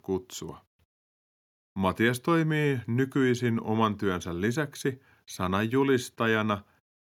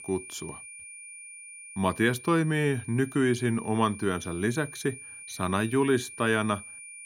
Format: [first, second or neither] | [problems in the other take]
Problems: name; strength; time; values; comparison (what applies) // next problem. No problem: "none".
first | high-pitched whine; noticeable; throughout; 2.5 kHz, 15 dB below the speech